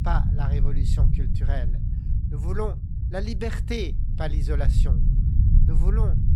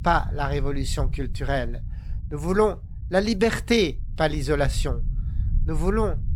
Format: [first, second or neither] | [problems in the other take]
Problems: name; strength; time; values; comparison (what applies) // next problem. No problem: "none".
second | low rumble; loud; throughout; 5 dB below the speech; faint in the second